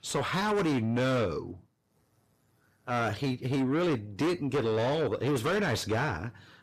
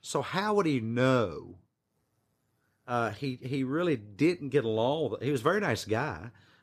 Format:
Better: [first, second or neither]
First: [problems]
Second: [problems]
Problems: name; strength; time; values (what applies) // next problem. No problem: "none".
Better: second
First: distortion; heavy; 6 dB below the speech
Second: none